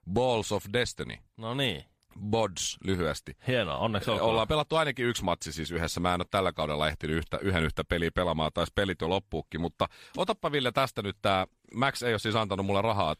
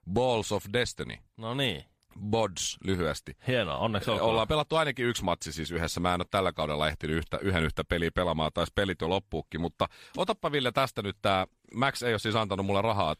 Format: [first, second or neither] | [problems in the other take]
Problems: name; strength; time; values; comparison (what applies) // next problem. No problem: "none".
neither | none